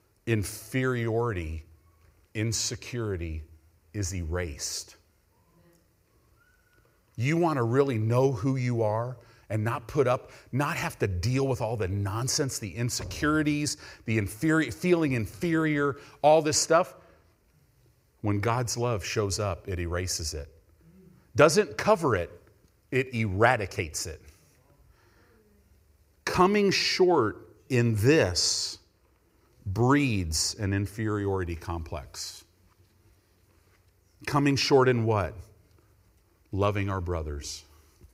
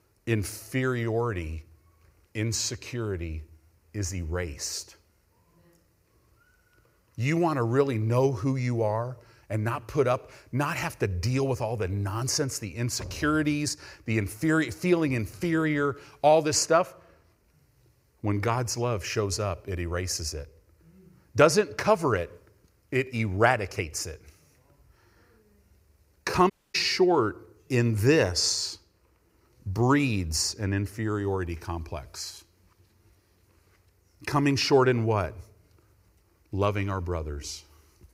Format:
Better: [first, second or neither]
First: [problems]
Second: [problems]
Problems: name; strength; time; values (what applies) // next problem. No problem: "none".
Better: first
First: none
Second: audio cutting out; at 27 s